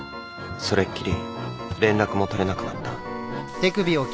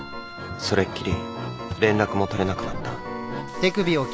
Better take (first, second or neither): first